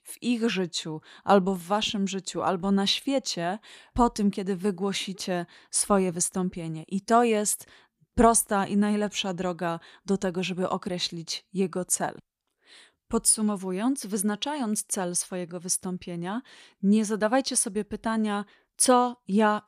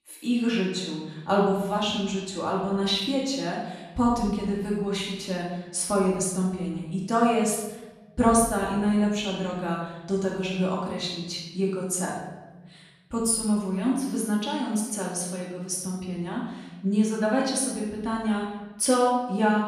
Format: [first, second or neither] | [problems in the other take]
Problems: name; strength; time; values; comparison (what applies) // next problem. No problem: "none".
first | off-mic speech; far // room echo; noticeable; dies away in 1.2 s